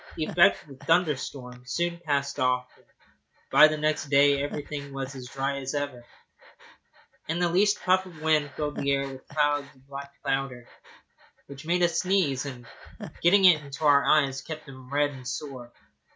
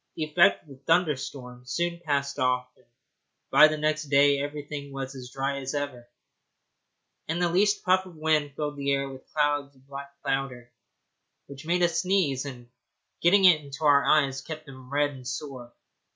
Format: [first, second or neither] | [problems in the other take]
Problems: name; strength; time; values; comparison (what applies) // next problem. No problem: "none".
second | background sound (Breathing); 18 dB below the speech